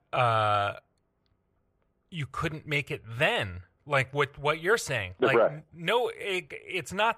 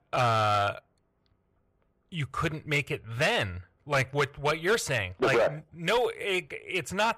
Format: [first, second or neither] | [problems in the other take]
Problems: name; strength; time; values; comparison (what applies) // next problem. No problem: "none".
first | distortion; slight; 5% of the sound clipped